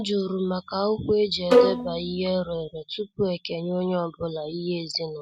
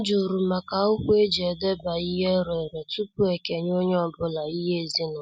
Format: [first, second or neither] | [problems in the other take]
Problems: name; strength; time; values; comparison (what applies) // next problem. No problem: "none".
second | background sound (Bowed string instrument); 5 dB above the speech